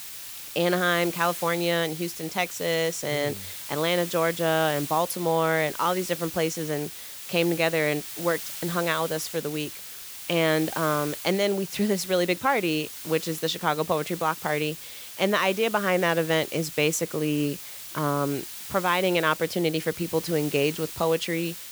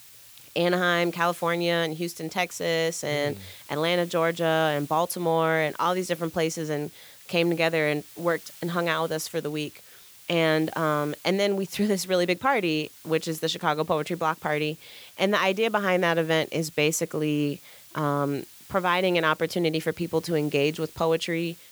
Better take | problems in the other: second | hiss; loud; throughout; 10 dB below the speech; faint in the second

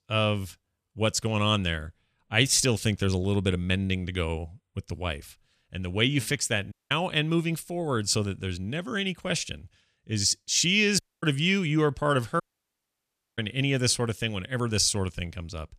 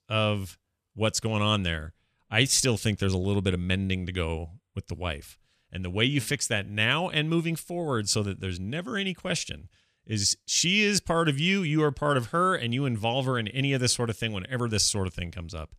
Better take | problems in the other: second | audio cutting out; at 6.5 s, at 11 s and at 12 s for 1 s

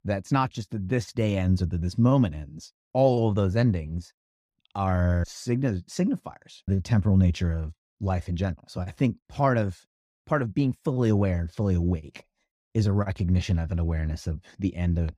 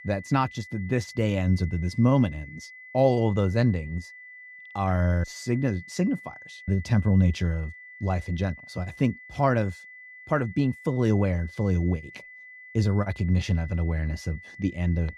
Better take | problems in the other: first | high-pitched whine; noticeable; throughout; 2 kHz, 20 dB below the speech

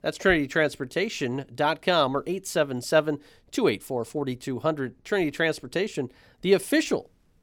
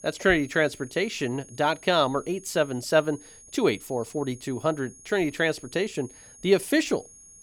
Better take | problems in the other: first | high-pitched whine; faint; throughout; 6.5 kHz, 20 dB below the speech

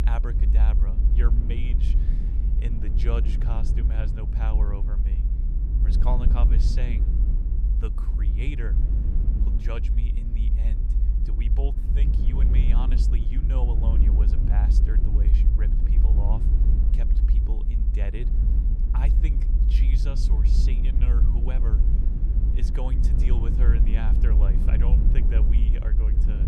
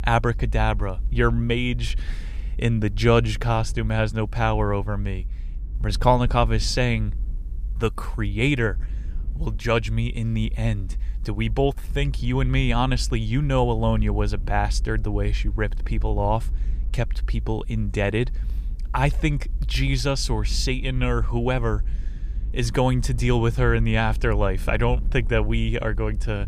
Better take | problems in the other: second | low rumble; loud; throughout; 2 dB below the speech; faint in the second

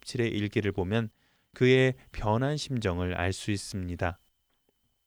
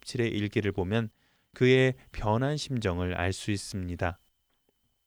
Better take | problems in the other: neither | none

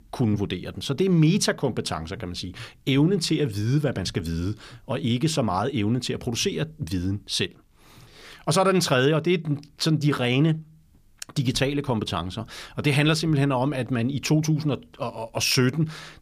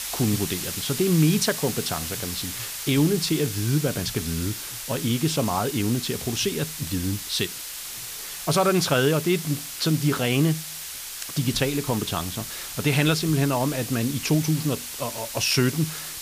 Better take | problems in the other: first | hiss; loud; throughout; 7 dB below the speech

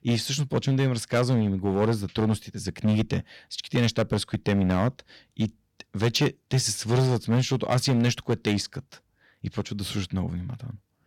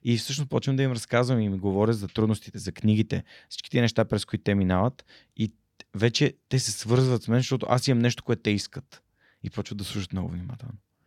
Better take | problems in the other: second | distortion; slight; 6% of the sound clipped

